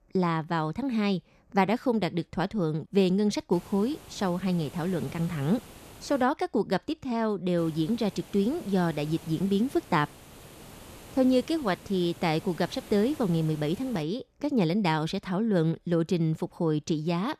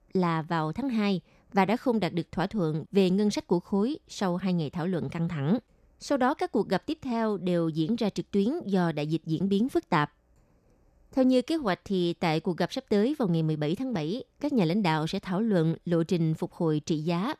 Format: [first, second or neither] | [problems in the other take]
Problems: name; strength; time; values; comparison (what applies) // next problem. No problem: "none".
second | hiss; noticeable; from 3.5 to 6 s and from 7.5 to 14 s; 20 dB below the speech